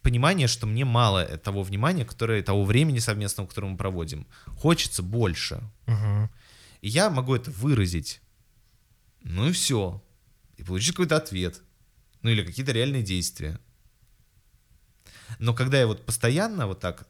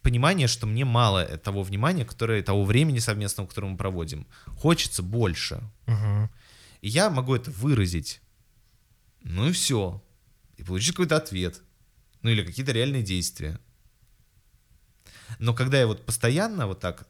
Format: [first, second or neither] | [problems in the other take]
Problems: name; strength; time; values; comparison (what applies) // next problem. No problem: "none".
neither | none